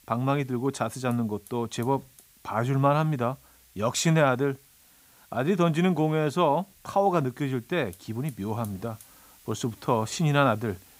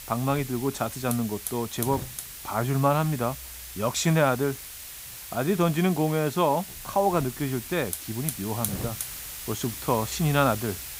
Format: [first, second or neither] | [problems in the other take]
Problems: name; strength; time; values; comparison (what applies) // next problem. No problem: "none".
first | hiss; loud; throughout; 9 dB below the speech; faint in the first